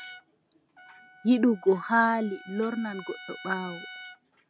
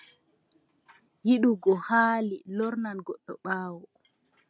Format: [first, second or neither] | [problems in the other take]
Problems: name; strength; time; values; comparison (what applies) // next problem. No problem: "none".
second | background sound (Trumpet); 18 dB below the speech